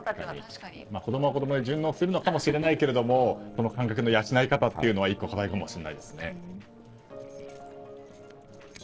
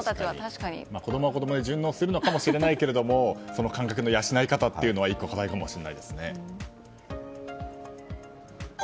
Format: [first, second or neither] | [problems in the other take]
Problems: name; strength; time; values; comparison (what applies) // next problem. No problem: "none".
second | noise reduction (neural separator model SepFormer DNS4)